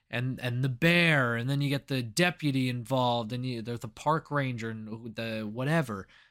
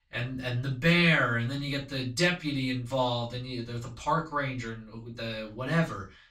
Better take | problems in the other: first | room echo; slight; dies away in 0.2 s // off-mic speech; far

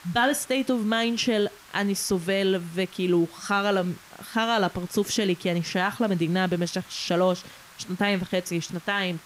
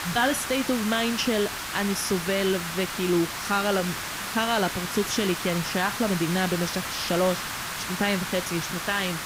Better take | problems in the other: first | hiss; loud; throughout; 4 dB below the speech; faint in the first

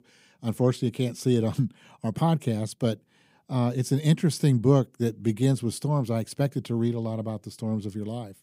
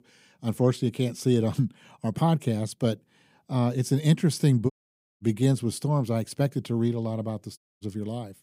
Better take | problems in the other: first | audio cutting out; at 4.5 s for 0.5 s and at 7.5 s

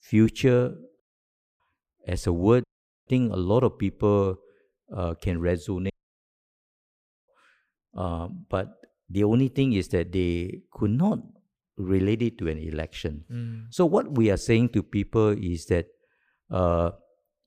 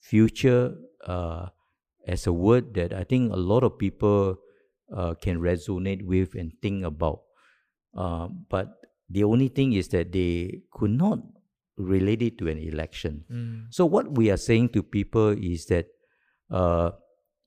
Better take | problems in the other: second | audio cutting out; at 1 s for 0.5 s, at 2.5 s and at 6 s for 1.5 s

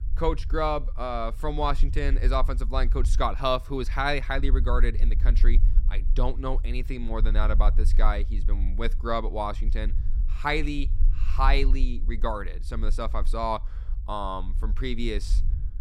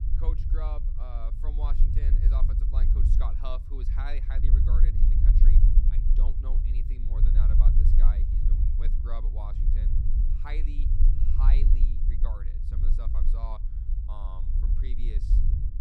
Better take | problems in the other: first | low rumble; loud; throughout; 2 dB below the speech; faint in the first

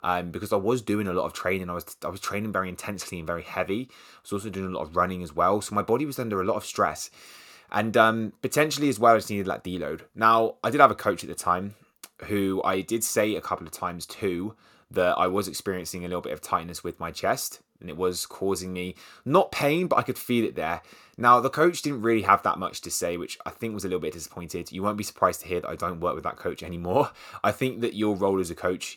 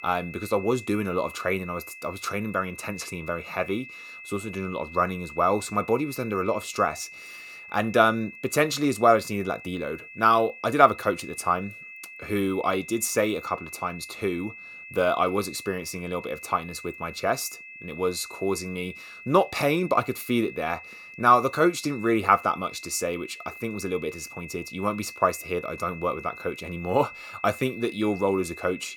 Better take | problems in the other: first | high-pitched whine; noticeable; throughout; 2.5 kHz, 15 dB below the speech

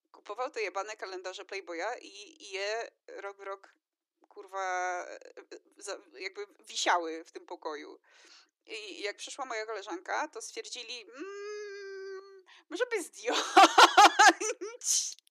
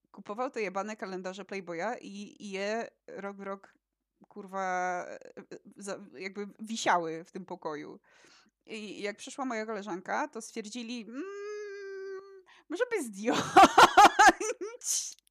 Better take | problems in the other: second | thin; very; fading below 300 Hz

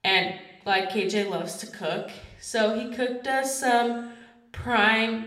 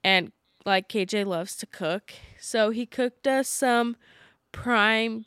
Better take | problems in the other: second | room echo; slight; dies away in 0.6 s

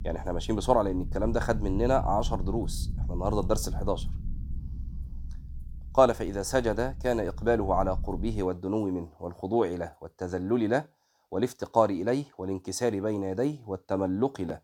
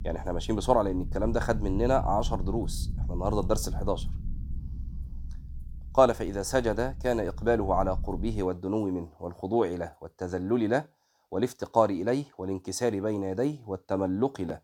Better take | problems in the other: neither | low rumble; faint; until 8.5 s; 25 dB below the speech; the same in both

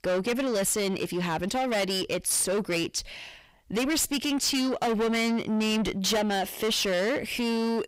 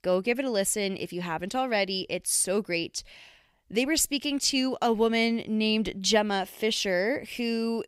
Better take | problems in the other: second | distortion; heavy; 7 dB below the speech

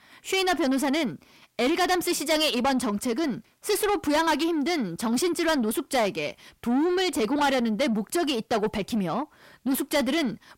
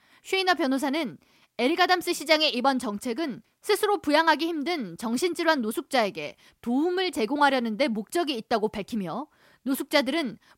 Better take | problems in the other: second | distortion; heavy; 8 dB below the speech

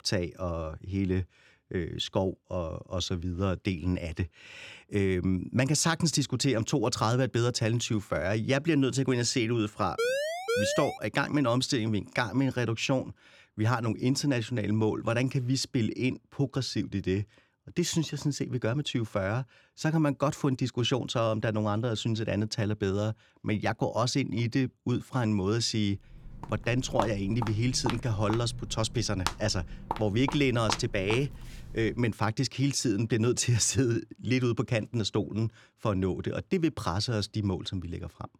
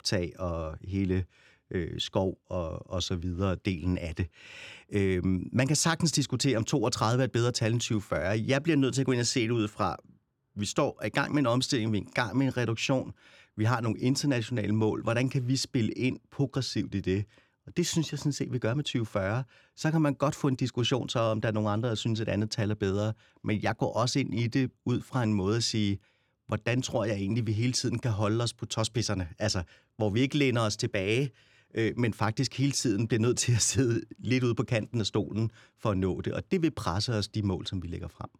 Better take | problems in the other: second | siren; loud; at 10 s; peak level with the speech // footsteps; noticeable; from 26 to 32 s; peak 5 dB below the speech

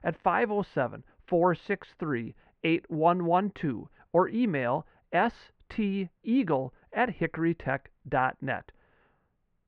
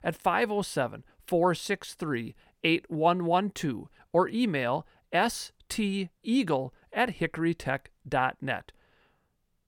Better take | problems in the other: second | muffled; very; fading above 2 kHz

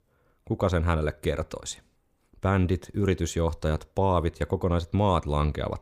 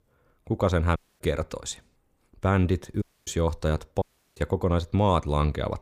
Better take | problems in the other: first | audio cutting out; at 1 s, at 3 s and at 4 s

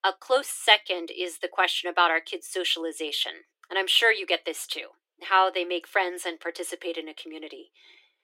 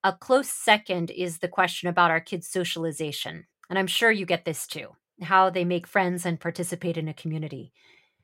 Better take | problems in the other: second | thin; very; fading below 300 Hz

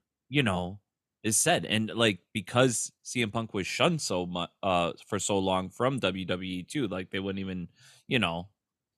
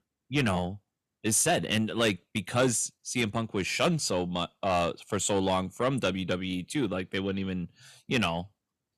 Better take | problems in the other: first | distortion; slight; 10 dB below the speech

